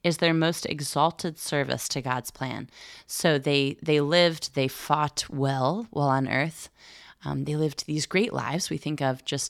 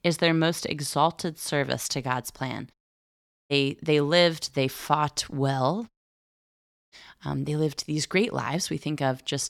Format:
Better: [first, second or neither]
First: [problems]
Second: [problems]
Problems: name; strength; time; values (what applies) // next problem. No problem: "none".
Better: first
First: none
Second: audio cutting out; at 2.5 s for 1 s and at 6 s for 1 s